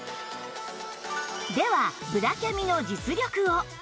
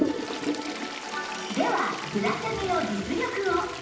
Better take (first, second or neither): first